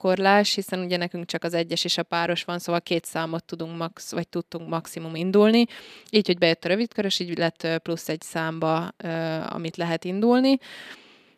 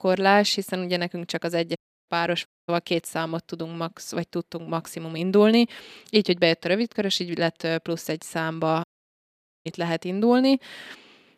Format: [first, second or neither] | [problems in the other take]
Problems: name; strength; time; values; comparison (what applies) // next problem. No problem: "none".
first | audio cutting out; at 2 s, at 2.5 s and at 9 s for 1 s